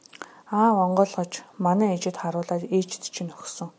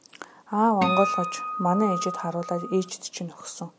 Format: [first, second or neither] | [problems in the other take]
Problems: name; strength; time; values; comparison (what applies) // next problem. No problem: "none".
first | background sound (Acoustic guitar); 3 dB below the speech